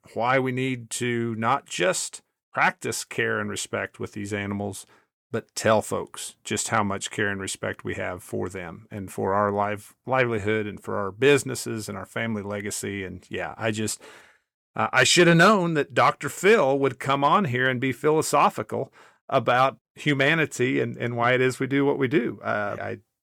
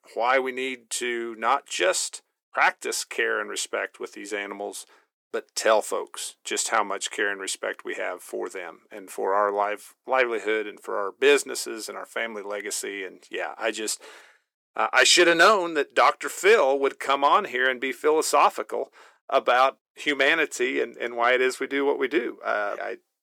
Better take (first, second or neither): first